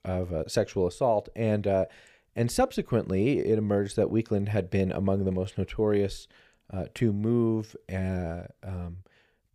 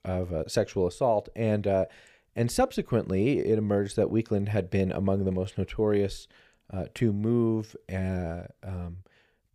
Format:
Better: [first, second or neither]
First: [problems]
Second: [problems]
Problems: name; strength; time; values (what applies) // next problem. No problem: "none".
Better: neither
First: none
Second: none